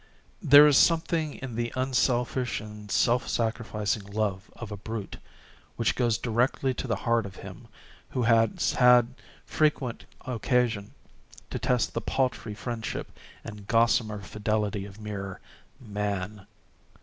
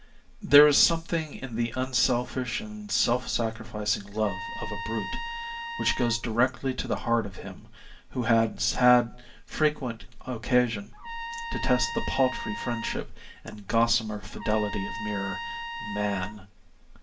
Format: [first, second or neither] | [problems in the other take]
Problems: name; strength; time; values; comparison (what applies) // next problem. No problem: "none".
first | background sound (Trumpet); 9 dB below the speech // room echo; dies away in 0.2 s